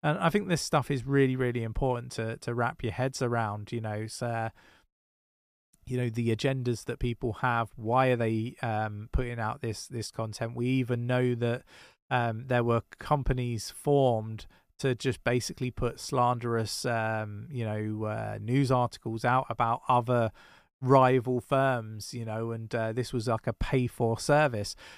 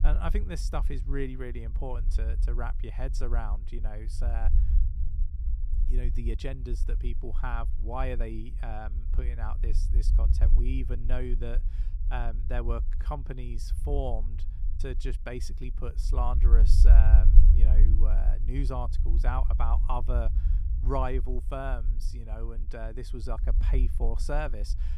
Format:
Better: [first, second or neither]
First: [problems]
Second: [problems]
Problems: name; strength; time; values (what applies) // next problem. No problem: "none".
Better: first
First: none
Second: low rumble; noticeable; throughout; 10 dB below the speech